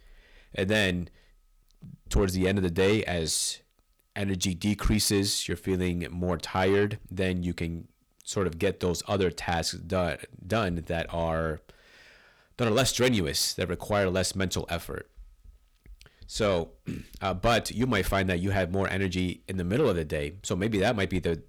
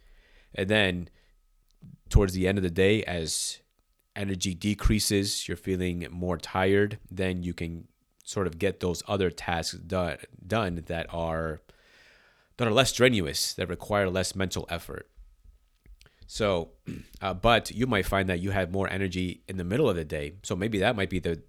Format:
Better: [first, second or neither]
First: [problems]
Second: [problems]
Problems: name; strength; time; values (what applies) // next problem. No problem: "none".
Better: second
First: distortion; slight; 10 dB below the speech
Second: none